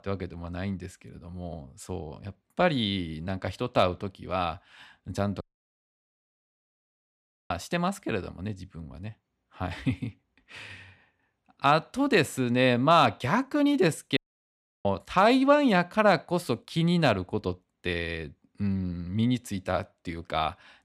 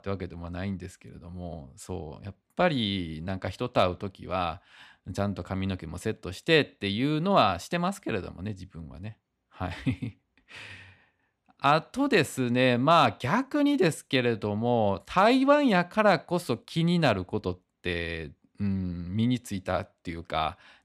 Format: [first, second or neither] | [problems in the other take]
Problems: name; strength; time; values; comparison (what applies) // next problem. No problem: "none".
second | audio cutting out; at 5.5 s for 2 s and at 14 s for 0.5 s